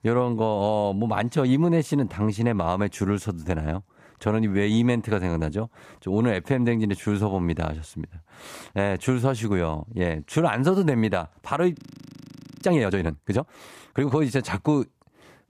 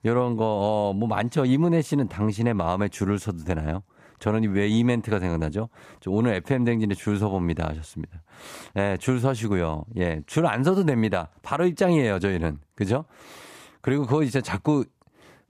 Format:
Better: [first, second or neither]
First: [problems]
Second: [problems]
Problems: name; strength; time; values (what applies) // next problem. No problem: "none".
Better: second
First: audio freezing; at 12 s for 1 s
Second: none